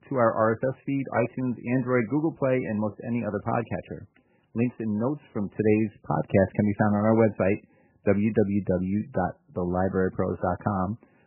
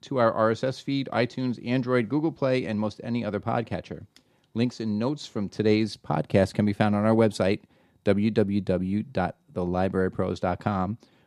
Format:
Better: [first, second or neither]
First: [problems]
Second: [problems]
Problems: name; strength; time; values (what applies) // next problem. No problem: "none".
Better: second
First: garbled, watery; badly; nothing above 2.5 kHz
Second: none